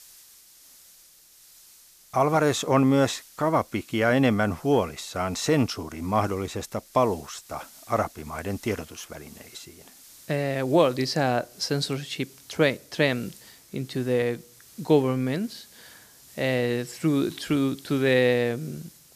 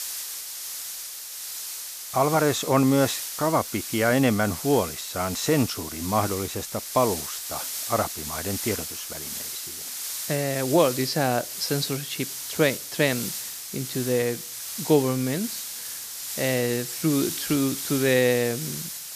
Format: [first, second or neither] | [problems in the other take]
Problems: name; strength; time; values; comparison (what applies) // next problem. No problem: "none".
first | hiss; loud; throughout; 6 dB below the speech; faint in the first